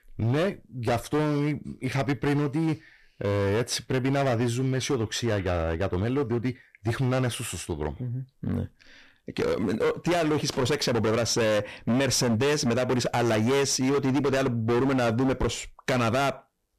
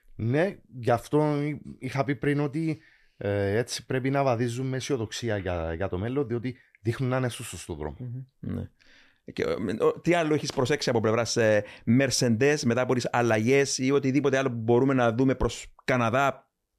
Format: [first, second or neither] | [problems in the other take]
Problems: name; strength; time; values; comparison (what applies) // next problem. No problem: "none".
second | distortion; heavy; 19% of the sound clipped